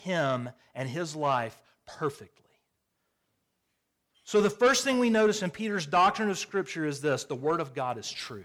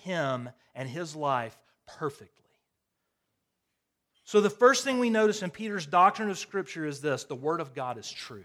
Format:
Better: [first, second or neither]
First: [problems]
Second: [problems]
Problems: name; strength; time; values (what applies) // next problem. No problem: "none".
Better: second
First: distortion; slight; 10 dB below the speech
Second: none